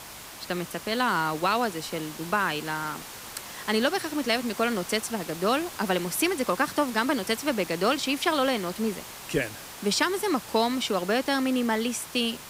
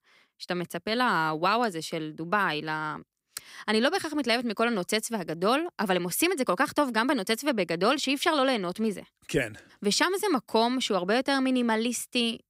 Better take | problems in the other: second | hiss; noticeable; throughout; 10 dB below the speech

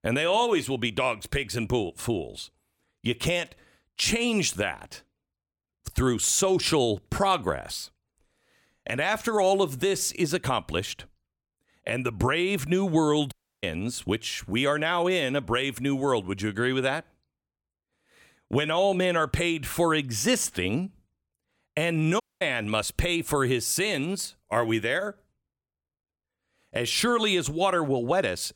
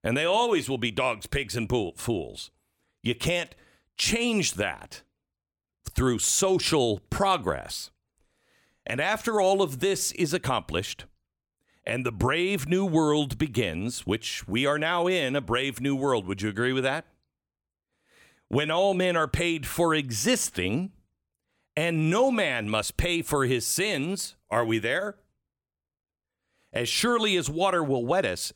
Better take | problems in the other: second | audio cutting out; at 13 s and at 22 s

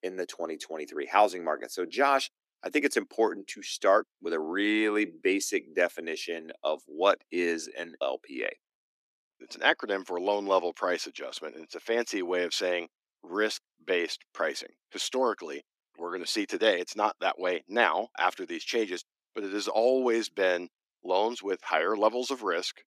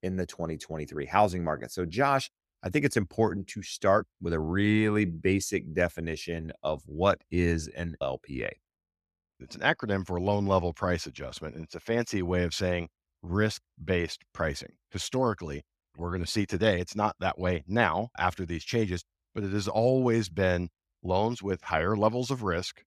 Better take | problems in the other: second | thin; somewhat; fading below 300 Hz

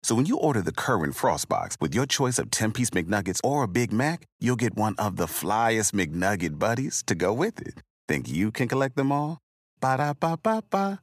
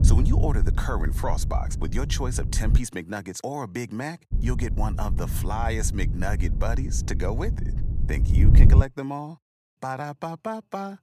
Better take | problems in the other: first | wind noise on the microphone; heavy; until 3 s and from 4.5 to 9 s; 8 dB below the speech

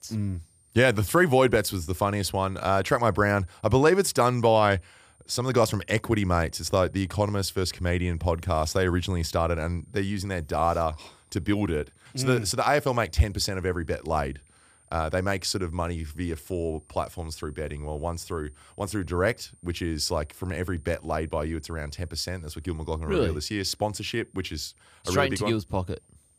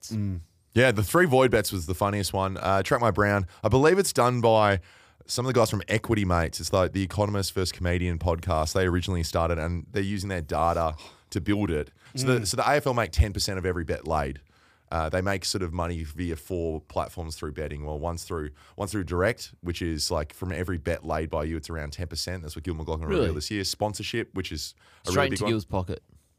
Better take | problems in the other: second | high-pitched whine; faint; throughout; 9 kHz, 30 dB below the speech

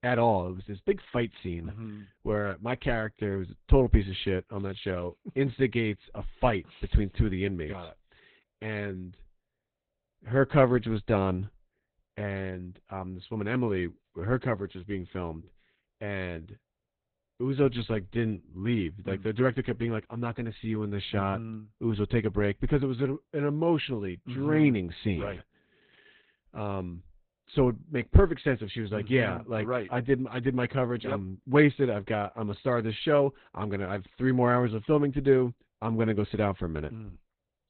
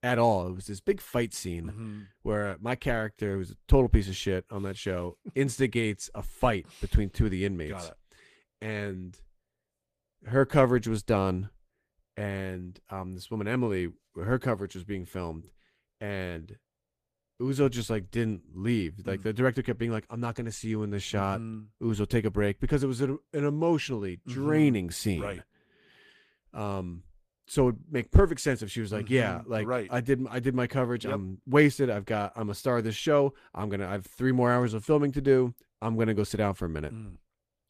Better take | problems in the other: second | garbled, watery; badly; nothing above 4 kHz; slightly in the second

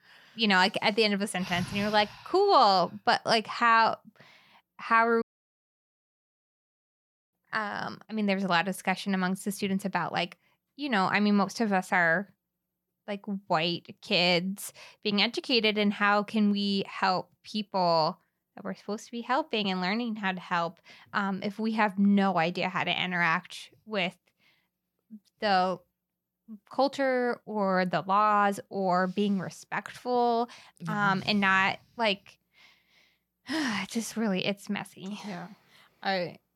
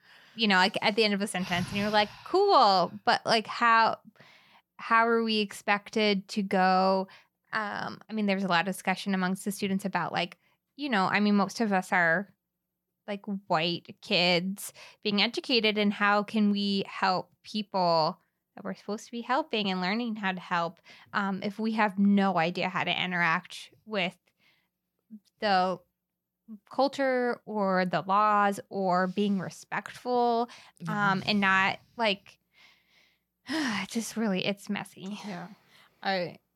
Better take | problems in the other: second | audio cutting out; at 5 s for 2 s

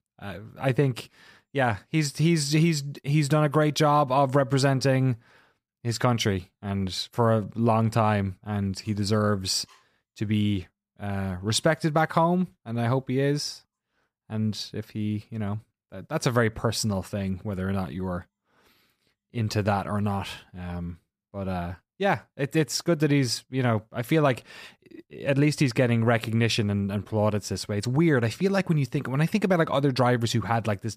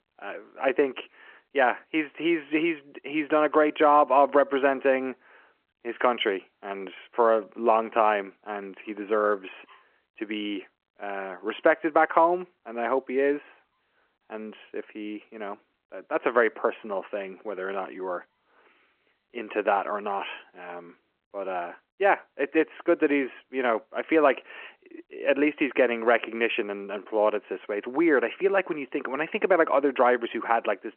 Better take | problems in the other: first | phone-call audio

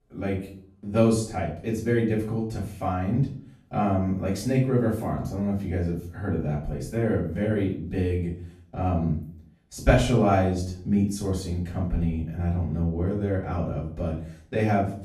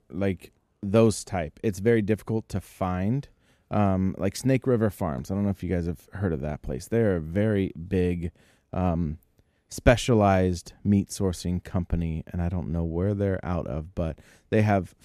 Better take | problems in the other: second | off-mic speech; far // room echo; noticeable; dies away in 0.4 s

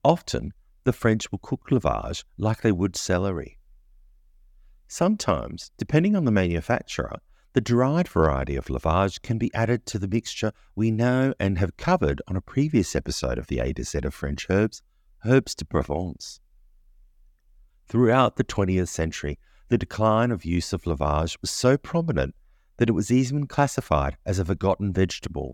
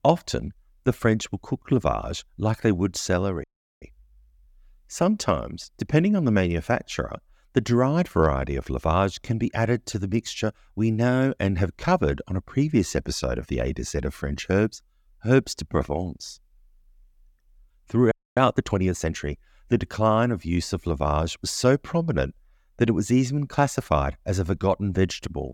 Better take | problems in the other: first | audio freezing; at 3.5 s and at 18 s

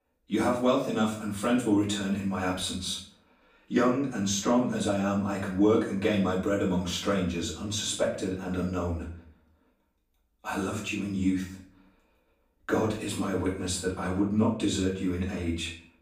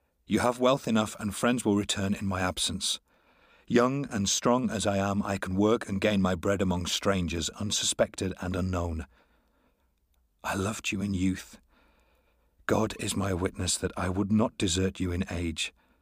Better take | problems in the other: second | room echo; noticeable; dies away in 0.5 s // off-mic speech; far

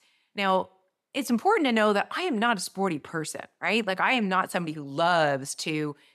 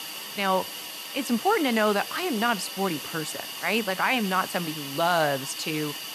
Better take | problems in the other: first | hiss; loud; throughout; 7 dB below the speech

